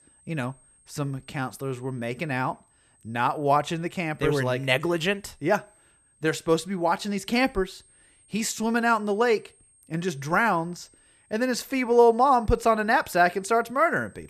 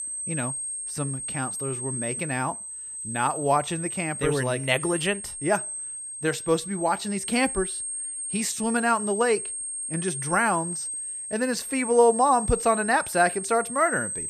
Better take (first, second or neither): first